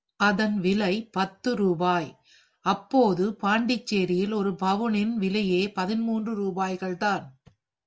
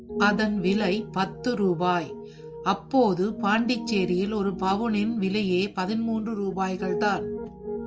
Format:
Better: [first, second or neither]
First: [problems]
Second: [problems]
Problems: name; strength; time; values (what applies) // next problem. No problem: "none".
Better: first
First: none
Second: background sound (Piano); 9 dB below the speech